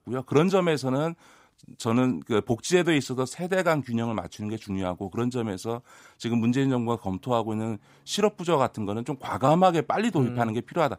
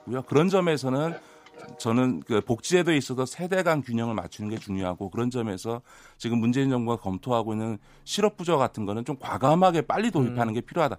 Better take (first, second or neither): first